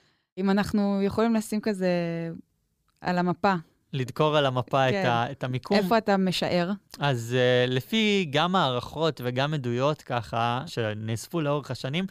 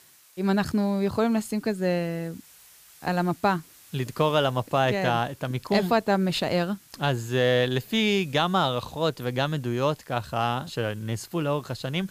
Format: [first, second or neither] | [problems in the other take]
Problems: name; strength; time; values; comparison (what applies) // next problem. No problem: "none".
first | hiss; faint; throughout; 25 dB below the speech